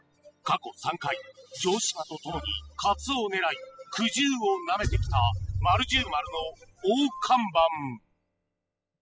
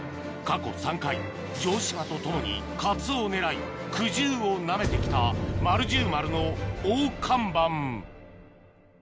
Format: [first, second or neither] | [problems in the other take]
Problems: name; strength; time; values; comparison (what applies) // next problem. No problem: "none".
second | noise reduction (classical method spectral subtraction)